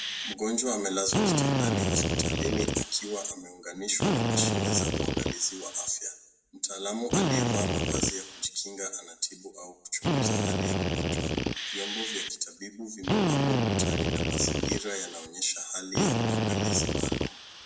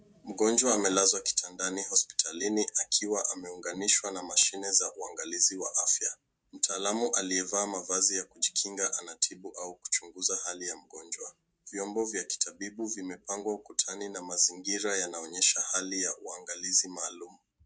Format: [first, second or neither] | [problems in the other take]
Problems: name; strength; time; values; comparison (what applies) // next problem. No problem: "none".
second | background sound (Drill); 5 dB above the speech // room echo; dies away in 0.7 s